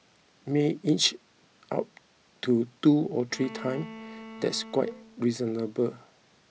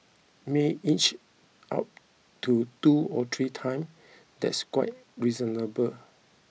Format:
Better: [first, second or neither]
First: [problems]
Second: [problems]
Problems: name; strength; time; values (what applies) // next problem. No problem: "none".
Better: second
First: background sound (Bowed string instrument); 15 dB below the speech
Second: none